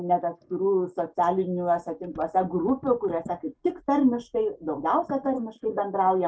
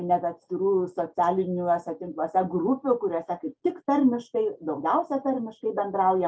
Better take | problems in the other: second | noise reduction (neural mask model Resemble Enhance denoiser)

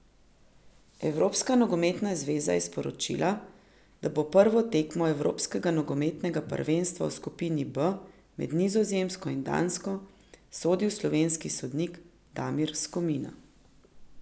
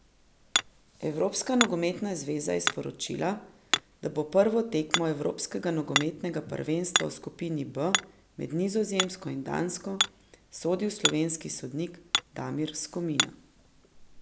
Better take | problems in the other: first | background sound (Hammer); 4 dB below the speech

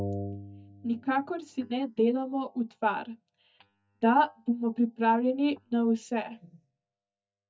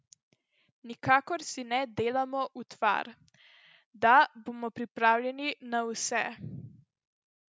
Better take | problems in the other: second | noise reduction (neural mask model DeepFilterNet 3)

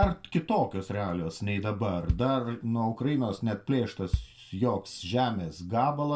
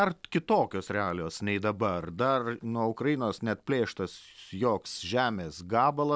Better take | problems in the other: second | background sound (Bass drum); 9 dB below the speech // room echo; dies away in 0.2 s

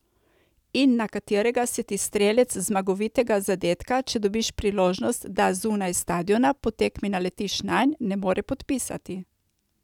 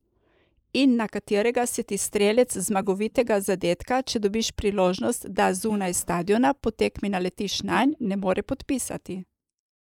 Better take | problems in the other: first | noise reduction (neural mask model Resemble Enhance denoiser)

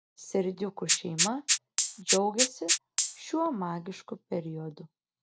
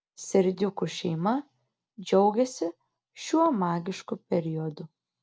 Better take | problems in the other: second | background sound (Rattle (instrument)); 3 dB above the speech

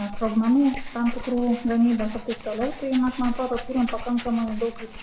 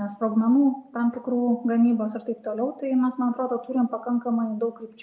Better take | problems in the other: second | noise reduction (neural mask model Resemble Enhance denoiser)

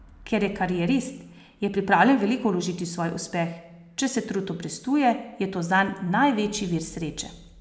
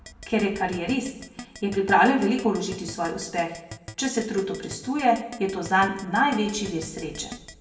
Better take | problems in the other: first | background sound (Keyboard (musical)); 18 dB below the speech // room echo; dies away in 0.6 s

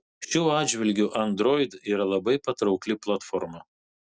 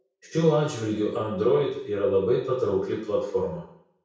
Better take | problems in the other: first | room echo; dies away in 0.6 s

